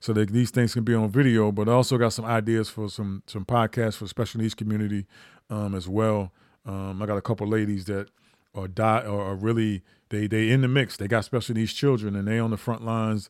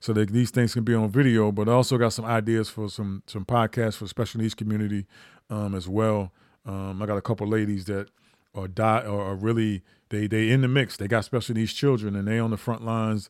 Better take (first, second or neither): neither